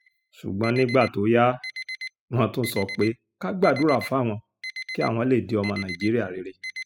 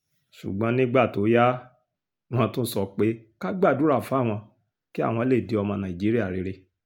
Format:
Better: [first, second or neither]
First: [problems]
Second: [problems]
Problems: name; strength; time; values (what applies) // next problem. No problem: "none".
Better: second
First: noise reduction (classical method spectral subtraction)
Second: none